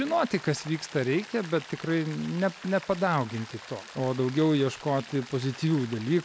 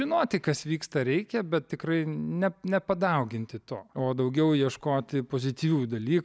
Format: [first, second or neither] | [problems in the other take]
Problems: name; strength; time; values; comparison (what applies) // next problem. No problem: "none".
second | background sound (Rain); 17 dB below the speech